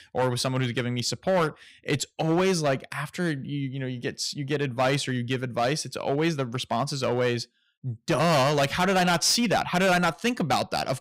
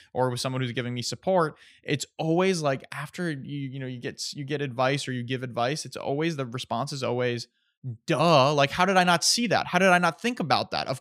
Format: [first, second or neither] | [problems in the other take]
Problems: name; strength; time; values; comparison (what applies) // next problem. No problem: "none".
second | distortion; heavy; 8% of the sound clipped